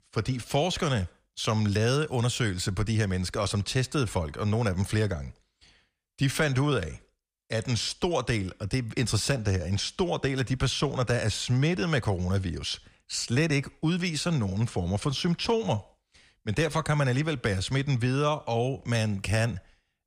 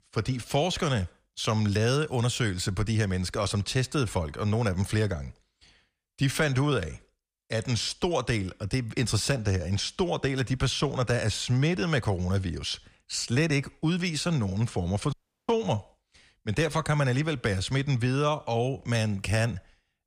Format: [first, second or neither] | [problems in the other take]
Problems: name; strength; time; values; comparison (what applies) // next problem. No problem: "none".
first | audio cutting out; at 15 s